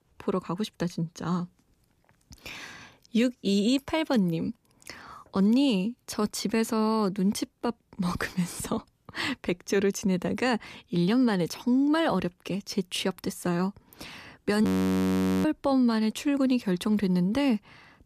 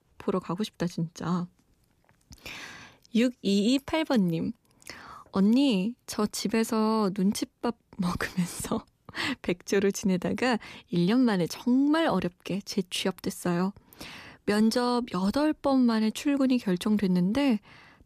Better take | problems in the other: second | audio freezing; at 15 s for 1 s

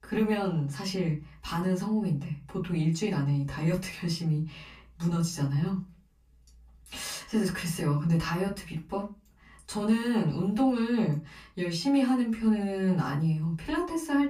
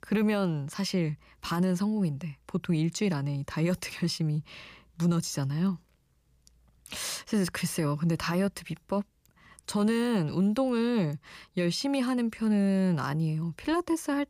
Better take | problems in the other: second | off-mic speech; far // room echo; very slight; dies away in 0.3 s

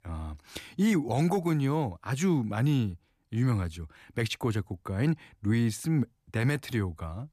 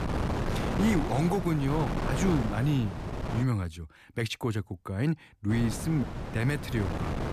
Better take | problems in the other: first | wind noise on the microphone; heavy; until 3.5 s and from 5.5 s on; 2 dB below the speech

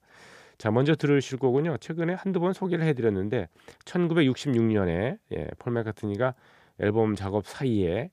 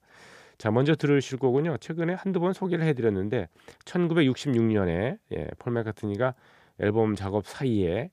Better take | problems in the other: neither | none

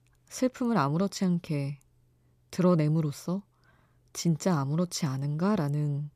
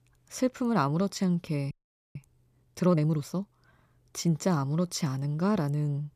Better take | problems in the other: first | audio freezing; at 1.5 s

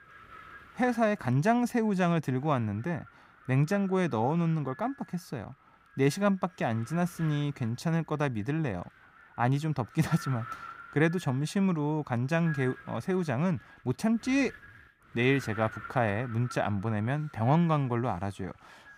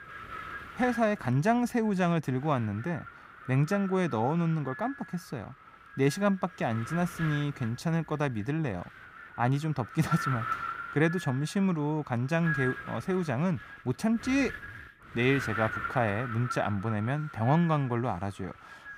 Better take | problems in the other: first | wind noise on the microphone; heavy; 5 dB below the speech; occasional gusts in the first

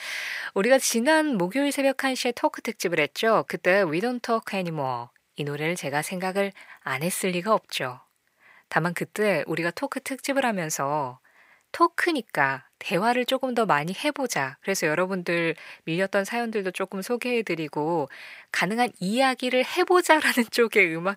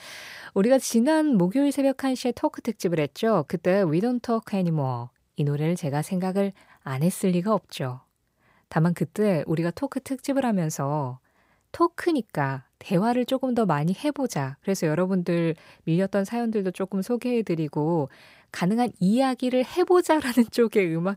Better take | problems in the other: second | thin; somewhat; fading below 700 Hz

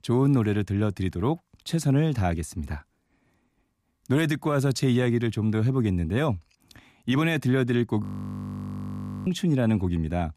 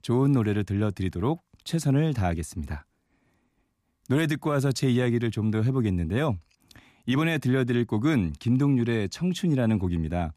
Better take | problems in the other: second | audio freezing; at 8 s for 1 s

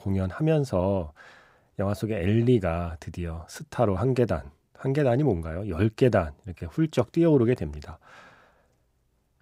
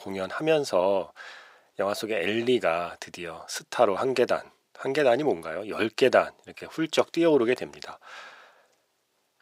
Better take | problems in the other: first | thin; somewhat; fading below 450 Hz

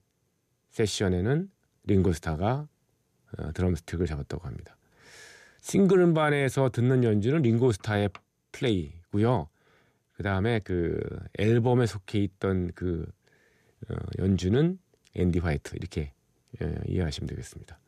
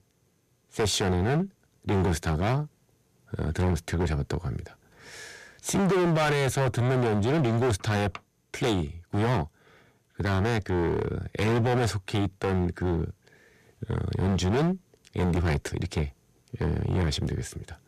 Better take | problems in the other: first | distortion; heavy; 17% of the sound clipped

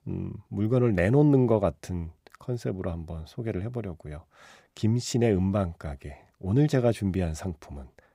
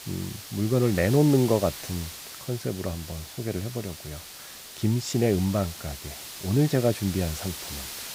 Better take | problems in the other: first | hiss; noticeable; throughout; 10 dB below the speech

